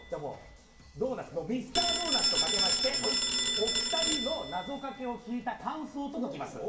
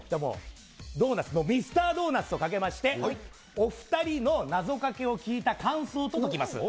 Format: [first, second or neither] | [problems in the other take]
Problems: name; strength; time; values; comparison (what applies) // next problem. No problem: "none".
second | background sound (Telephone); 3 dB above the speech // room echo; dies away in 0.8 s